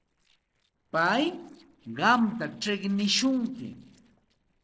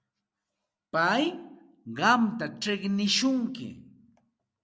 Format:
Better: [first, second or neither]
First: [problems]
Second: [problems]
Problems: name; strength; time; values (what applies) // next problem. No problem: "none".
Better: second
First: noise reduction (neural separator model SepFormer DNS4)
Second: none